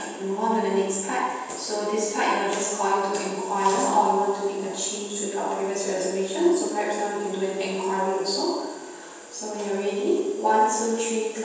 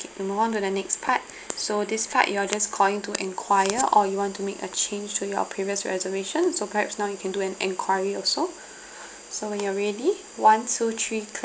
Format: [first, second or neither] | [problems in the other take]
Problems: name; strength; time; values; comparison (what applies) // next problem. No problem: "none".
second | room echo; dies away in 1.2 s